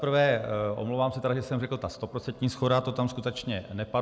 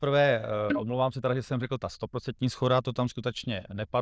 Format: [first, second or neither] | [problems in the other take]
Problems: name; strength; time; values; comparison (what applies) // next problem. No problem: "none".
first | noise reduction (neural diffusion model UNIVERSE++)